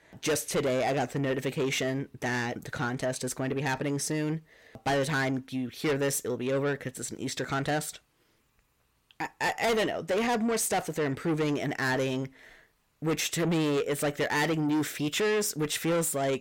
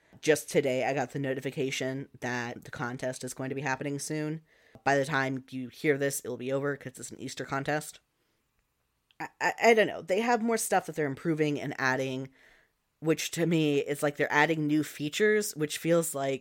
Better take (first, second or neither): second